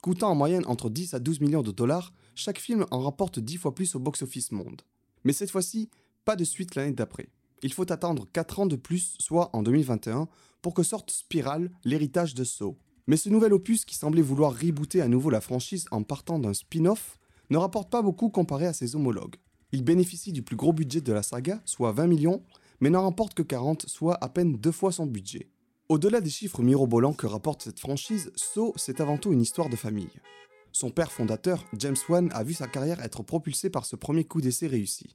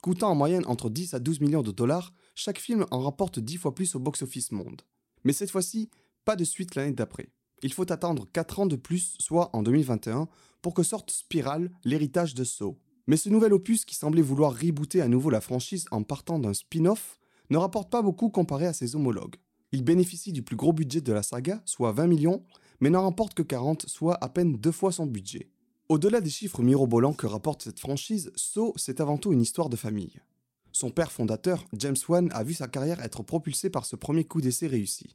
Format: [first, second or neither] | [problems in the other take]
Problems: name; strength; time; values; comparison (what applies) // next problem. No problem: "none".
second | traffic noise; faint; throughout; 30 dB below the speech